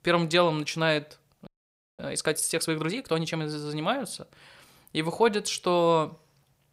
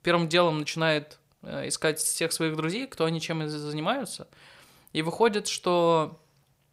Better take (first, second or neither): second